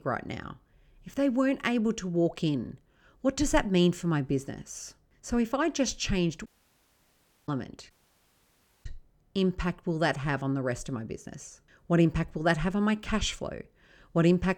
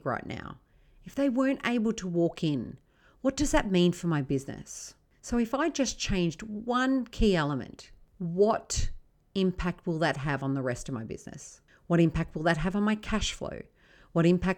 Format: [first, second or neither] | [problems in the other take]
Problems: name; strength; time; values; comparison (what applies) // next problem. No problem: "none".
second | audio cutting out; at 6.5 s for 1 s and at 8 s for 1 s